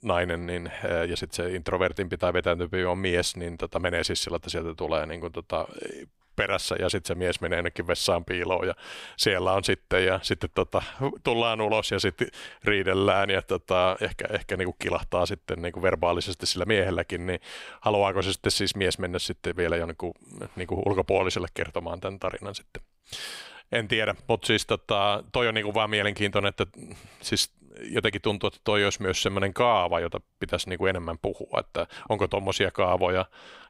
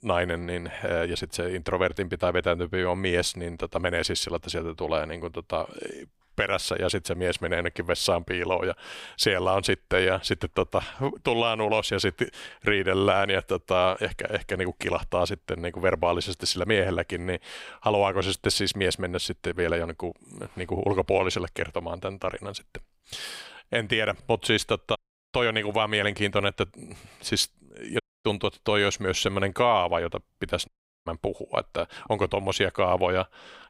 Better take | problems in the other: first | audio cutting out; at 25 s, at 28 s and at 31 s

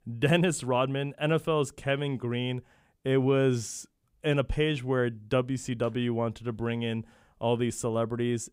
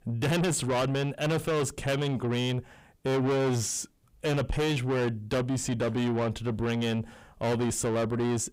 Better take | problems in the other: first | distortion; heavy; 6 dB below the speech

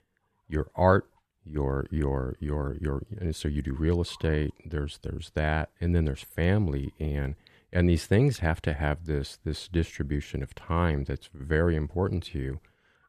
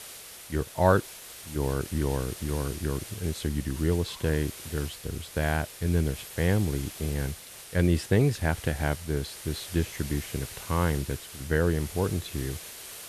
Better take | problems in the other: first | hiss; noticeable; throughout; 10 dB below the speech

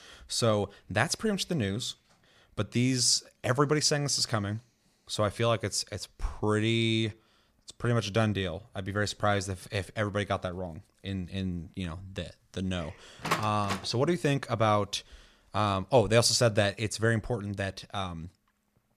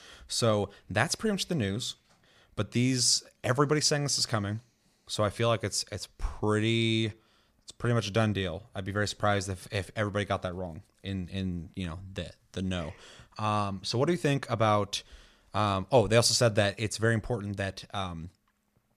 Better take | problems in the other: second | door banging; noticeable; at 13 s; peak 3 dB below the speech

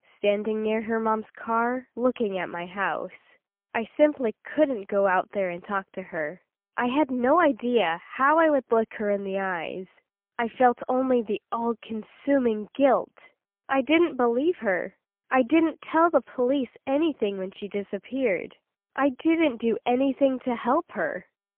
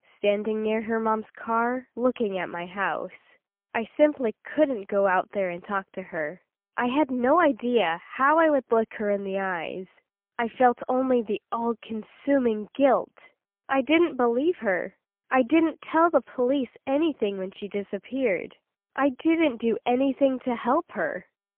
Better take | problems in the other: neither | phone-call audio; poor line; nothing above 3 kHz; the same in both

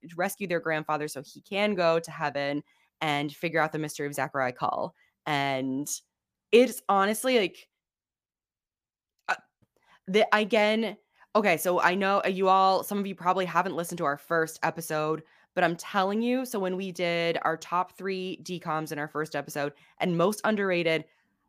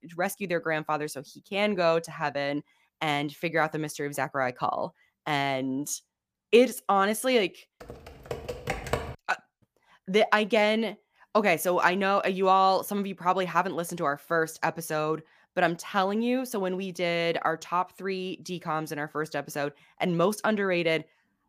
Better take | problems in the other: first | keyboard typing; noticeable; from 8 to 9 s; peak 4 dB below the speech

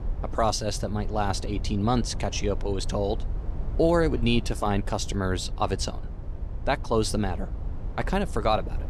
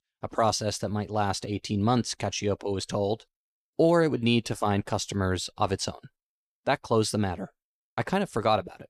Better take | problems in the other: second | low rumble; noticeable; throughout; 20 dB below the speech

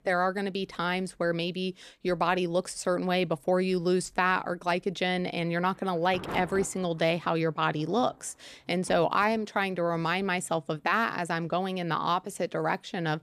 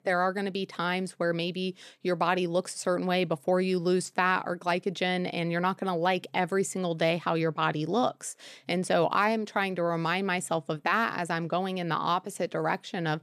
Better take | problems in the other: second | rain or running water; noticeable; throughout; 15 dB below the speech

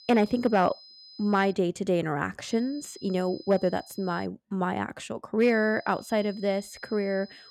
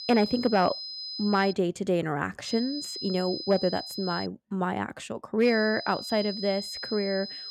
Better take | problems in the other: first | high-pitched whine; loud; until 1.5 s, from 2.5 to 4.5 s and from 5.5 s on; 5 kHz, 8 dB below the speech; faint in the first

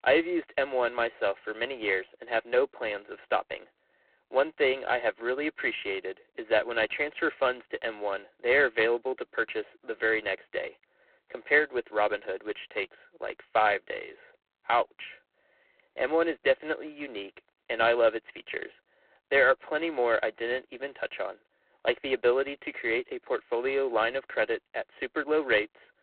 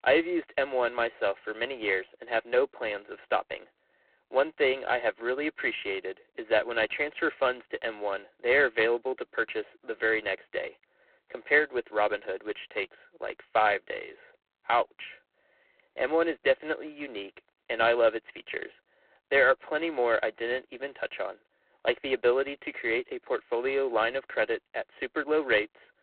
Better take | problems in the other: neither | phone-call audio; poor line; the same in both

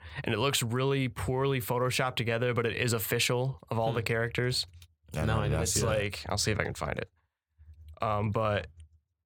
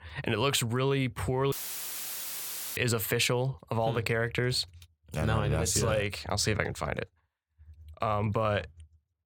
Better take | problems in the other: first | audio cutting out; filled with static; at 1.5 s for 1.5 s

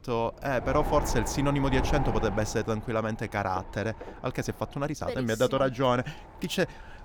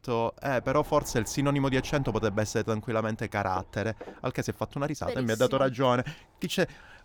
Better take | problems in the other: second | wind noise on the microphone; heavy; 7 dB below the speech; occasional gusts in the second

